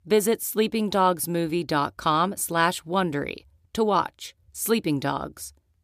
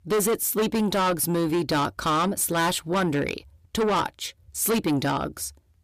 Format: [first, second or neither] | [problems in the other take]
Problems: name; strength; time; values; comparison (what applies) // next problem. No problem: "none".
first | distortion; heavy; 6 dB below the speech